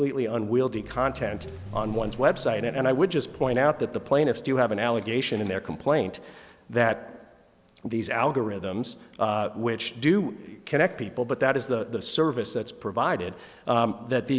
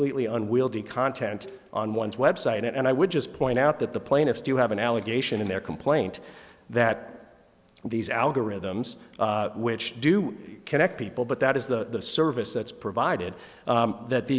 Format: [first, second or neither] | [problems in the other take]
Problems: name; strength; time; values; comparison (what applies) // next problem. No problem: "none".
second | background sound (Vehicle); 14 dB below the speech